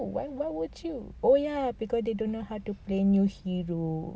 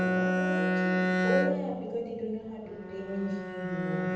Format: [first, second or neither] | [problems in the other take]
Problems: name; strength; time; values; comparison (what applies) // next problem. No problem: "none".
first | background sound (Bowed string instrument); 5 dB above the speech // room echo; dies away in 1.1 s